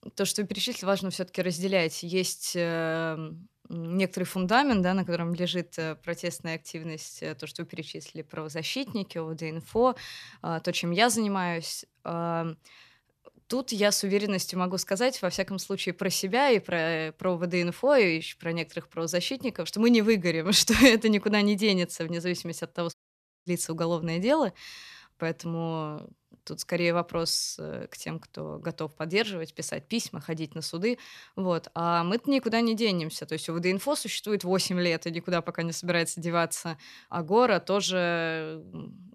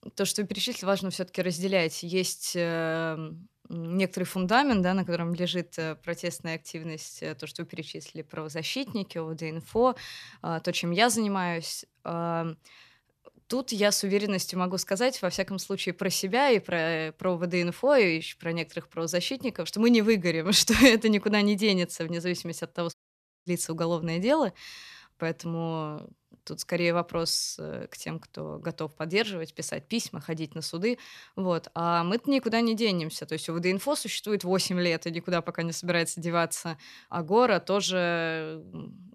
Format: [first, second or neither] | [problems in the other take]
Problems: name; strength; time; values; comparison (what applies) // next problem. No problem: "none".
neither | audio cutting out; at 23 s for 0.5 s; the same in both